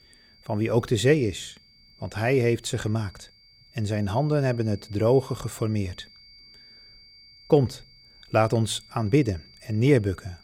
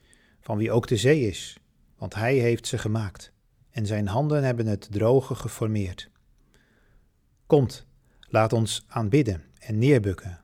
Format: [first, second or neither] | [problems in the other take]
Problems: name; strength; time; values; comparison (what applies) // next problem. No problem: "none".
second | high-pitched whine; faint; throughout; 4.5 kHz, 25 dB below the speech